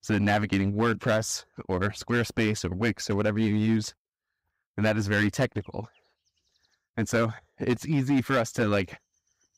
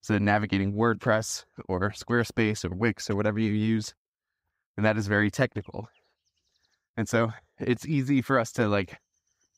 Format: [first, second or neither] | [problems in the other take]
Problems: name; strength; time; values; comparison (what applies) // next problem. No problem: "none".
second | distortion; slight; 5% of the sound clipped